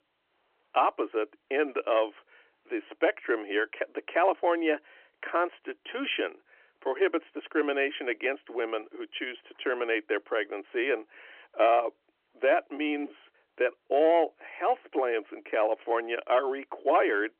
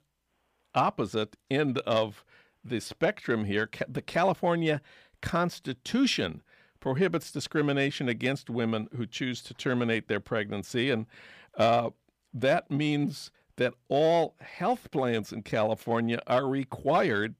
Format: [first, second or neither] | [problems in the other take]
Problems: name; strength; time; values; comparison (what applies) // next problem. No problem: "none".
second | phone-call audio; nothing above 3 kHz